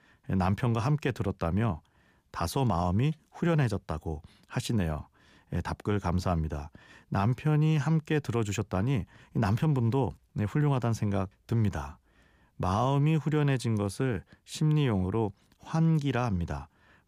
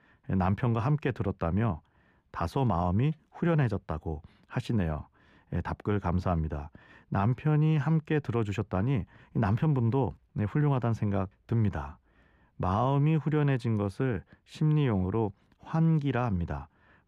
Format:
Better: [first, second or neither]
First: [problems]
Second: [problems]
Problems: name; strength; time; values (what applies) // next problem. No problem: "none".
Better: first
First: none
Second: muffled; slightly; fading above 4 kHz